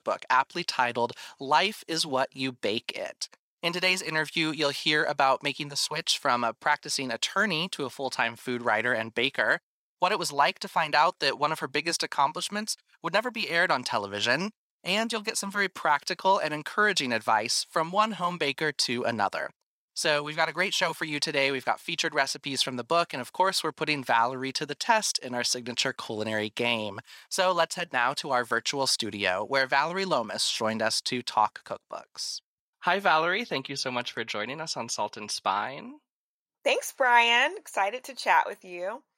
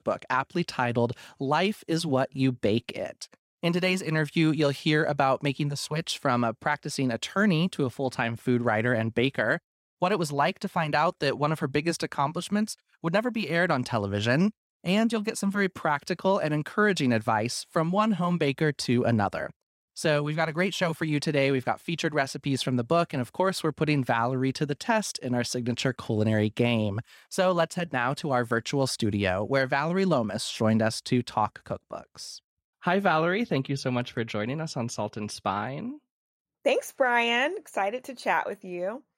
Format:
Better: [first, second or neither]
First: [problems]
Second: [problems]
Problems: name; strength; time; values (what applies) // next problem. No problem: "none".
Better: second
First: thin; somewhat; fading below 900 Hz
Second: none